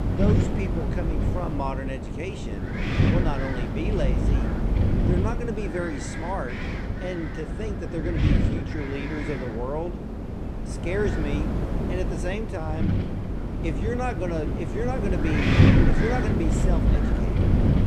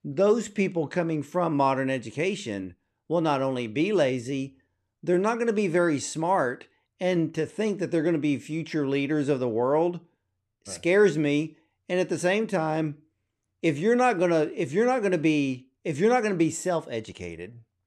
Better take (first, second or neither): second